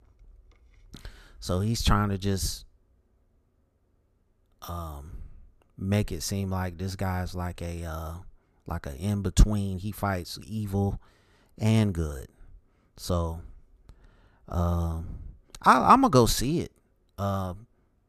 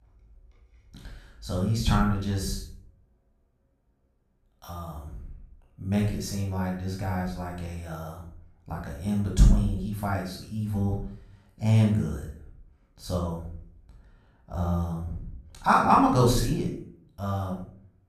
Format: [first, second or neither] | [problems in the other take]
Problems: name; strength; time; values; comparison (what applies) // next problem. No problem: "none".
first | off-mic speech; far // room echo; noticeable; dies away in 0.5 s